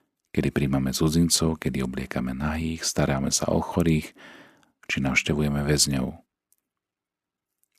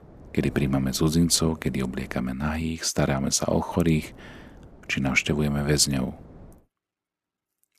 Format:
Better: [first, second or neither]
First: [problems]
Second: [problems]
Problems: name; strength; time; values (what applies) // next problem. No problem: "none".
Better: first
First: none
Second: wind noise on the microphone; occasional gusts; until 2 s and from 3.5 to 6.5 s; 25 dB below the speech